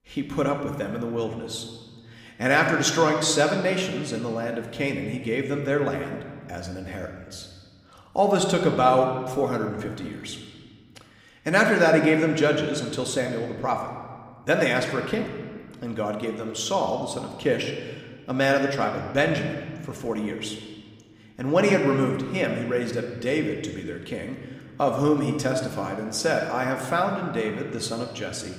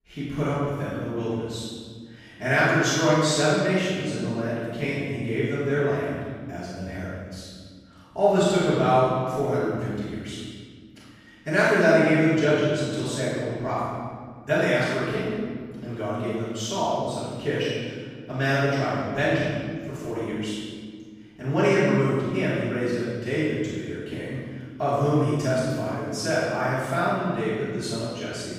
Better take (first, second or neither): first